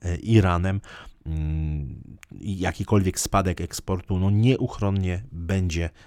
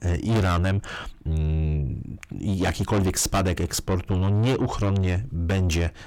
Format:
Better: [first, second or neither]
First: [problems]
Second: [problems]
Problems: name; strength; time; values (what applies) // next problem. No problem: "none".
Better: first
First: none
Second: distortion; heavy; 5 dB below the speech